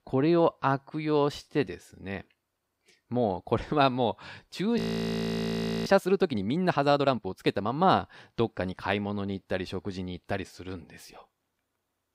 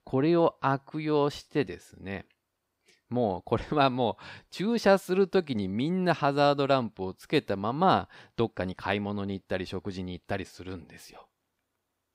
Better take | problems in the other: second | audio freezing; at 5 s for 1 s

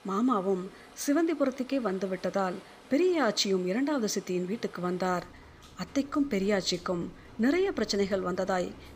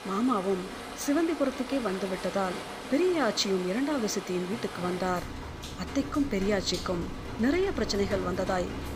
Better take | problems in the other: first | rain or running water; loud; throughout; 9 dB below the speech; faint in the first

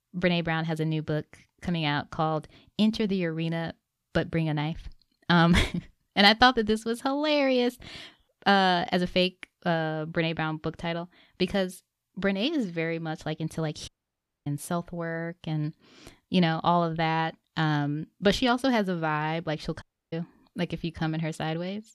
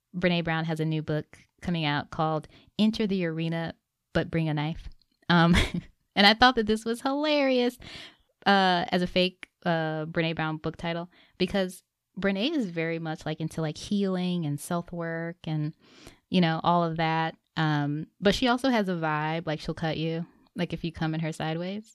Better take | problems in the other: second | audio cutting out; at 14 s for 0.5 s and at 20 s

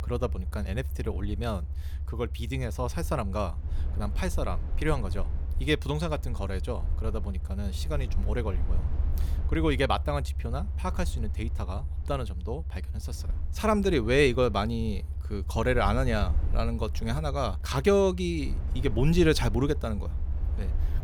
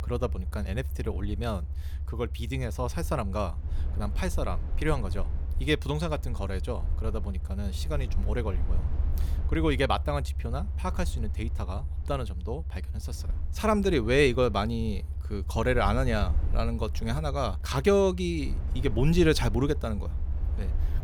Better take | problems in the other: neither | low rumble; noticeable; throughout; 20 dB below the speech; the same in both

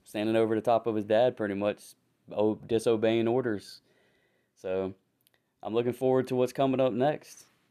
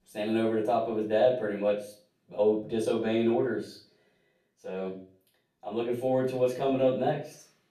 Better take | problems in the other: first | room echo; slight; dies away in 0.4 s // off-mic speech; far

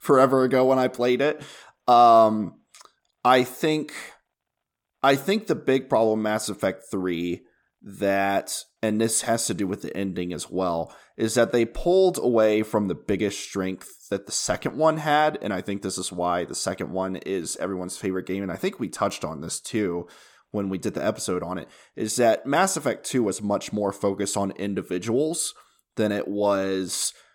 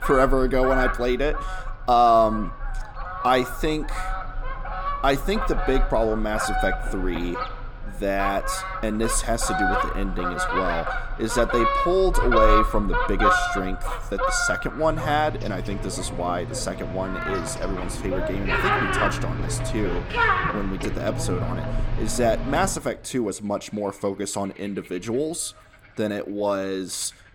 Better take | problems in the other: first | animal sounds; loud; throughout; 1 dB below the speech

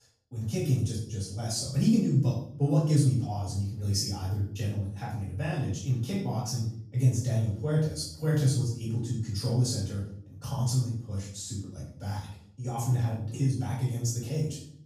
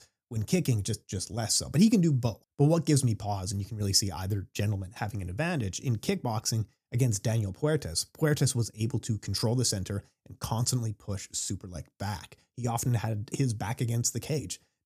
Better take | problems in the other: second | room echo; noticeable; dies away in 0.6 s // off-mic speech; far

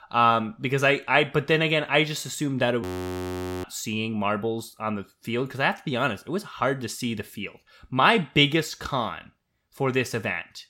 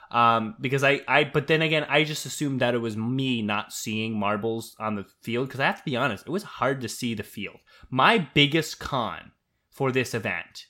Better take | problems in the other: second | audio freezing; at 3 s for 1 s

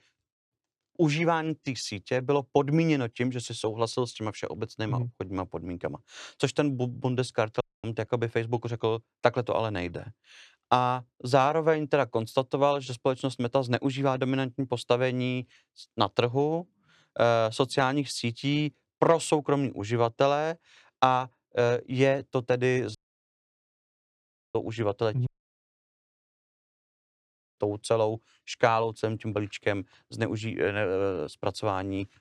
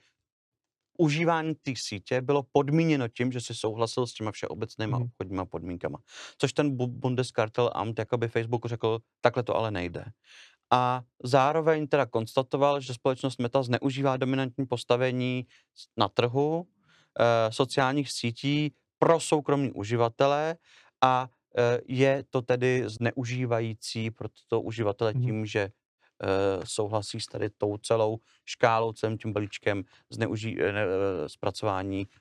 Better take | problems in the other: second | audio cutting out; at 7.5 s, at 23 s for 1.5 s and at 25 s for 2.5 s

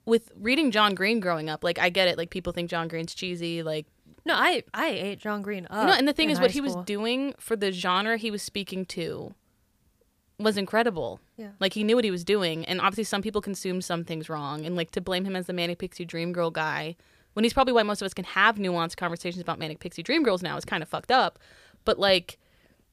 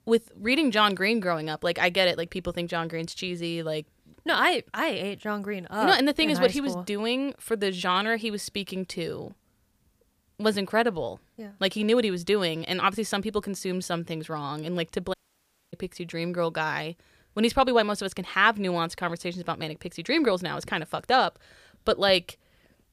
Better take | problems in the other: first | audio cutting out; at 15 s for 0.5 s

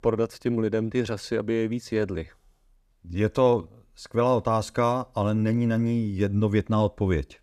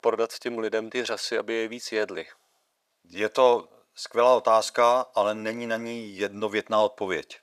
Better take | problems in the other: first | thin; very; fading below 600 Hz

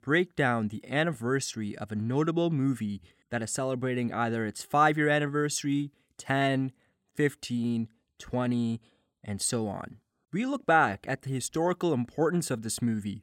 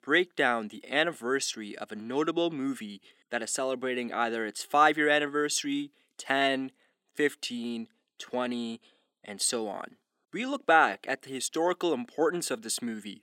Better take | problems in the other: first | thin; very slightly; fading below 300 Hz

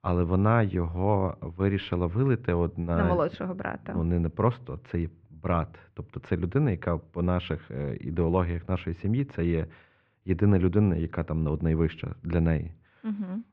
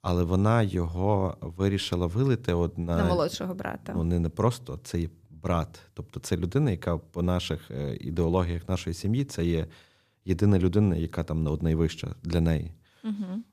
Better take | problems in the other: second | muffled; very; fading above 2.5 kHz

